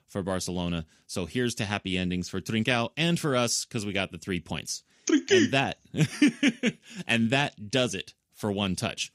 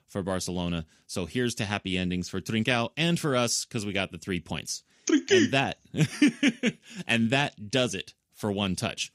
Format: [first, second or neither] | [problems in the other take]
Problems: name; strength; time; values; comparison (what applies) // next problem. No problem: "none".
neither | none